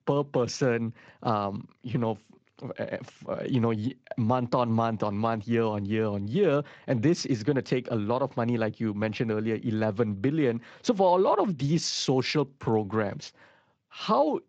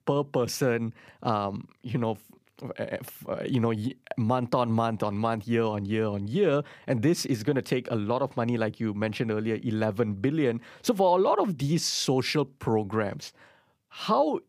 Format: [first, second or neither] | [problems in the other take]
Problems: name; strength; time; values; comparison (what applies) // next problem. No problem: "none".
second | garbled, watery; slightly